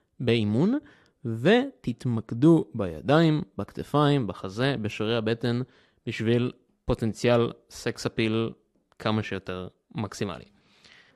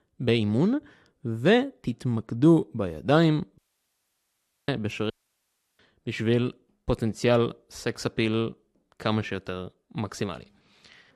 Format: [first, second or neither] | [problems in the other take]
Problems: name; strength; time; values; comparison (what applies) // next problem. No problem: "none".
first | audio cutting out; at 3.5 s for 1 s and at 5 s for 0.5 s